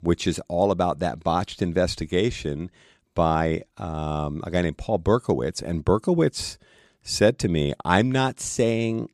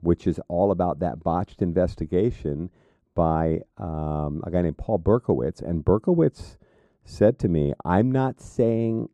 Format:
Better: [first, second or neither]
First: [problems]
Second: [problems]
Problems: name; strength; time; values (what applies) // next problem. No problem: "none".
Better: first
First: none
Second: muffled; very; fading above 1.5 kHz